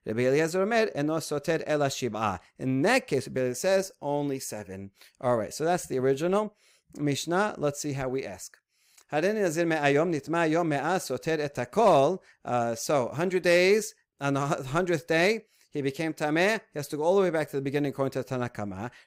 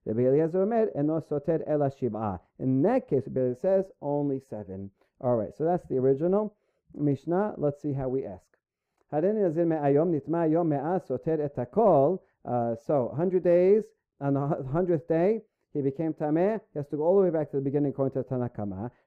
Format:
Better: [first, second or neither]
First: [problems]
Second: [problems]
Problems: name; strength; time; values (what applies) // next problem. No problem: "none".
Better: first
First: none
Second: muffled; very; fading above 1.5 kHz